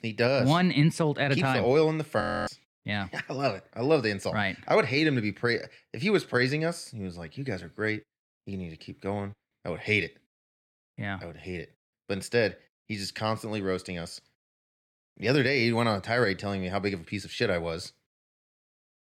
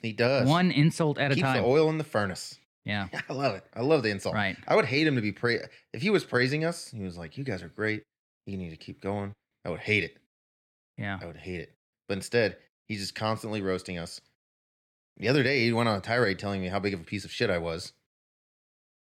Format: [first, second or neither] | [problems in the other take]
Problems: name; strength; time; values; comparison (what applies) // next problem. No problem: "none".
second | audio freezing; at 2 s